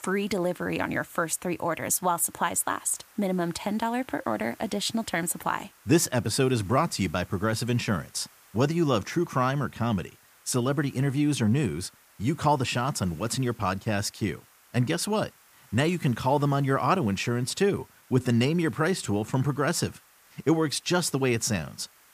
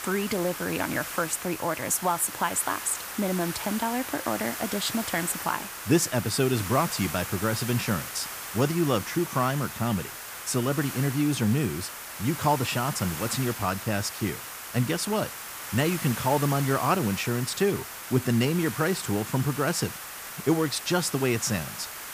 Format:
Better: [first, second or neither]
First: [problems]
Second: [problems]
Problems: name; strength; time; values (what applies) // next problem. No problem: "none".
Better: first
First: hiss; faint; throughout; 25 dB below the speech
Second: hiss; loud; throughout; 7 dB below the speech